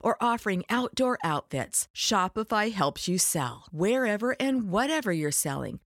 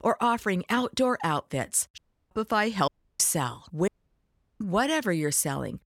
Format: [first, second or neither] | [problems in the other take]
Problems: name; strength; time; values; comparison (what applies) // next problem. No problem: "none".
first | audio cutting out; at 2 s, at 3 s and at 4 s for 0.5 s